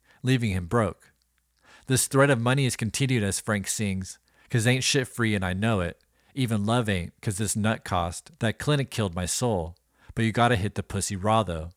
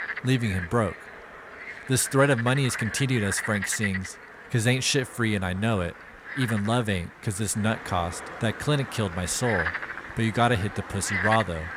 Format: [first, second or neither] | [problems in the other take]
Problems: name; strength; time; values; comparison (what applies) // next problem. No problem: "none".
first | animal sounds; loud; throughout; 8 dB below the speech